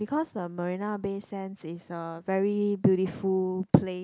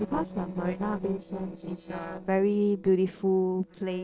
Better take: first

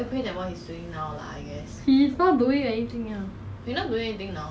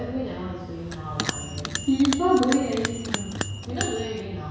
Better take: first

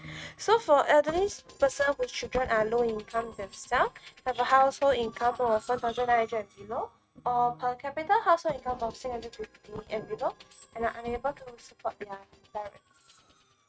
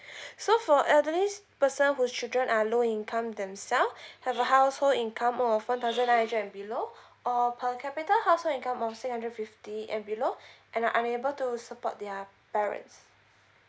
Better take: second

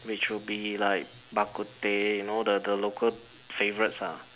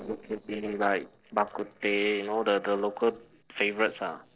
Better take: first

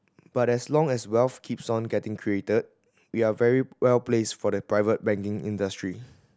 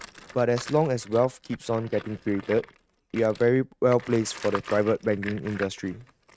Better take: first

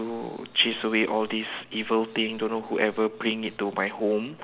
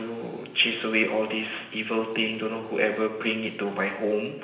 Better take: first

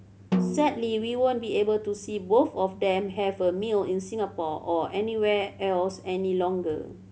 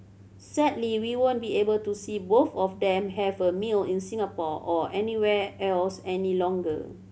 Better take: second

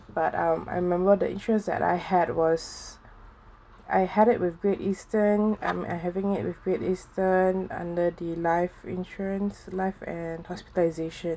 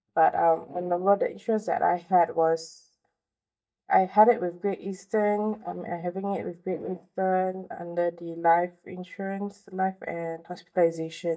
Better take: first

